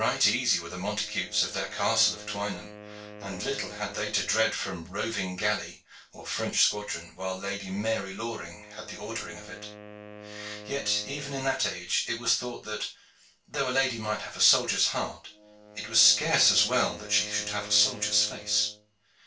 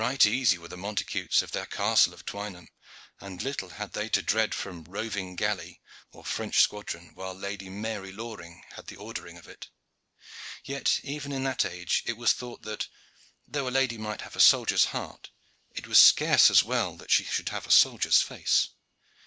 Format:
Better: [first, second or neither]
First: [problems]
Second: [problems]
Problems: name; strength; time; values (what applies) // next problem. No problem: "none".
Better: second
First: background sound (Wind instrument, woodwind instrument); 18 dB below the speech // room echo; dies away in 0.2 s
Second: none